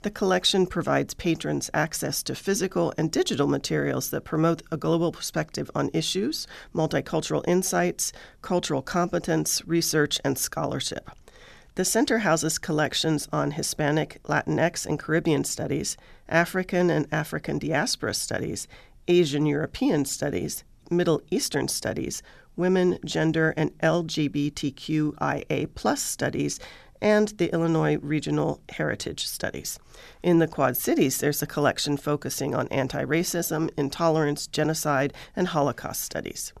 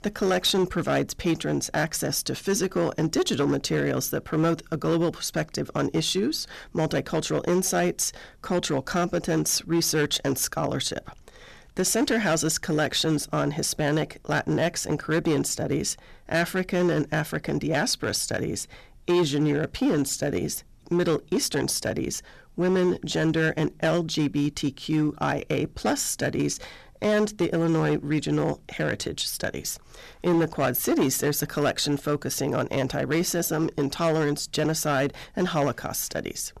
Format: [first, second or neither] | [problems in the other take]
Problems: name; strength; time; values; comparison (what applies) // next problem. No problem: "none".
first | distortion; slight; 7% of the sound clipped